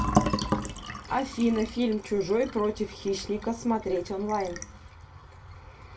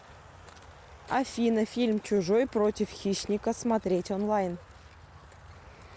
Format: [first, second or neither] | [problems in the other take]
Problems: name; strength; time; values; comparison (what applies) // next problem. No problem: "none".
second | background sound (Fill (with liquid)); 4 dB below the speech // room echo; dies away in 0.2 s